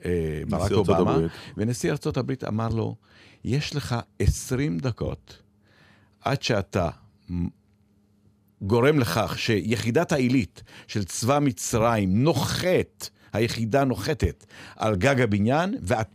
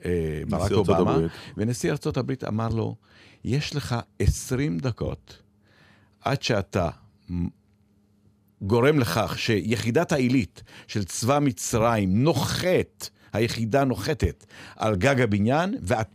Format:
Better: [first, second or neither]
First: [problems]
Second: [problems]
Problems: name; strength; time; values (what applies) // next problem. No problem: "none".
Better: neither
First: none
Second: none